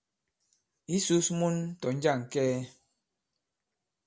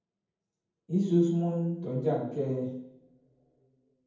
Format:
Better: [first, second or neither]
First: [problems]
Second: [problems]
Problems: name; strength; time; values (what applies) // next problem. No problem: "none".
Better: first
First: none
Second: room echo; dies away in 0.9 s